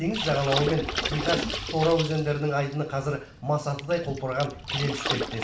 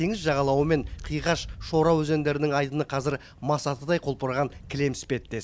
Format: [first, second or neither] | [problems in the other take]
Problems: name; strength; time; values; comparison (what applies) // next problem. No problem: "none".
second | background sound (Water / Splash, splatter); 6 dB below the speech // room echo; dies away in 0.4 s